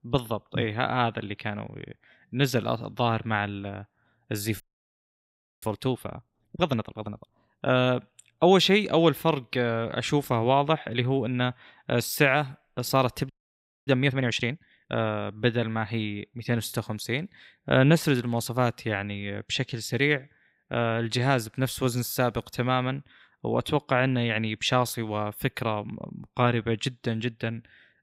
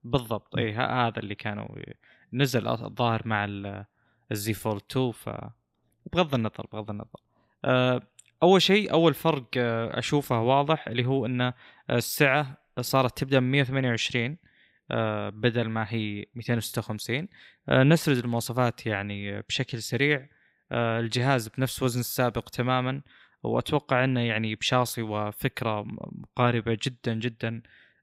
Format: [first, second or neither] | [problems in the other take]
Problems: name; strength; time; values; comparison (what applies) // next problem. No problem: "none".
second | audio freezing; at 4.5 s for 1 s and at 13 s for 0.5 s